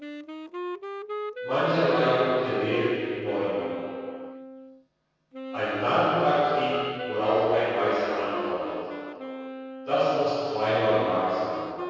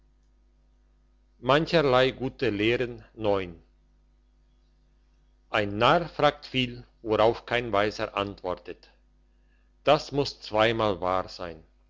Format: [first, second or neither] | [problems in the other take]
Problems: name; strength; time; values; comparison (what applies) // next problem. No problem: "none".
second | background sound (Wind instrument, woodwind instrument); 10 dB below the speech // room echo; dies away in 2.2 s